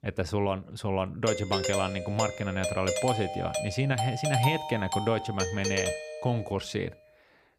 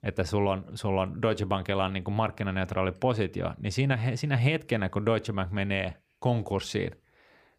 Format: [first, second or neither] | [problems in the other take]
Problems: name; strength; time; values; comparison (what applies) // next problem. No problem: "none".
second | doorbell; loud; from 1.5 to 6.5 s; peak 1 dB above the speech